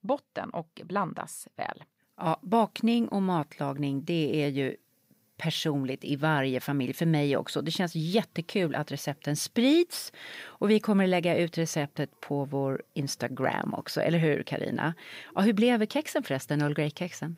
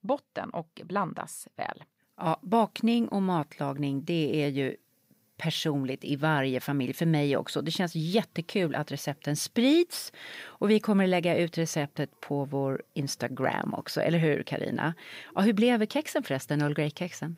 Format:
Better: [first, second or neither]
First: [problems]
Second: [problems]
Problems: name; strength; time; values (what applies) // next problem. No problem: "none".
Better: neither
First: none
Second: none